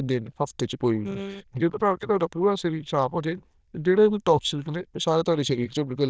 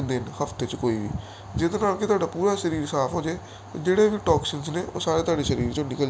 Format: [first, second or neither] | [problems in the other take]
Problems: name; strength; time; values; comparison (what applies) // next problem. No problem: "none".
second | noise reduction (neural diffusion model UNIVERSE++)